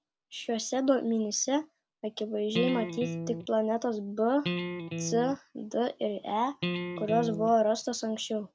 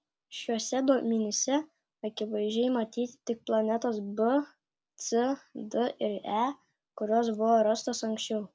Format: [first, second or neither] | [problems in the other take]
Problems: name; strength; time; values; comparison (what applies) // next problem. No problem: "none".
second | background sound (Electric guitar); 4 dB below the speech